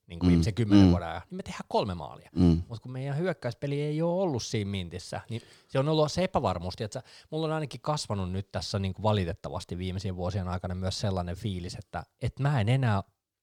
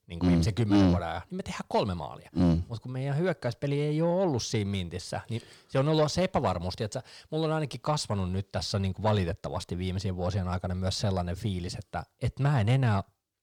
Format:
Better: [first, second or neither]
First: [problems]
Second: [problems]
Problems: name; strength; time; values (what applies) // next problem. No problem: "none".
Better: first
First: none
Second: distortion; slight; 10 dB below the speech